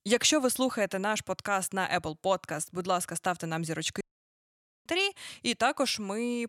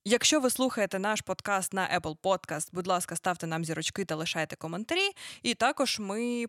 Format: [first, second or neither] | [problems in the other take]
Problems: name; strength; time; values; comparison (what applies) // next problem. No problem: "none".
second | audio cutting out; at 4 s for 1 s